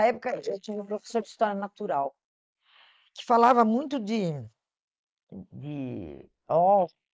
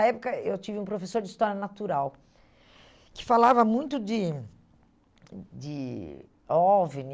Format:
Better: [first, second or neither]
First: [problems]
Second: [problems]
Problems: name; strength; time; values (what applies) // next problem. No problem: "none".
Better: second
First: noise reduction (neural mask model Resemble Enhance denoiser)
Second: none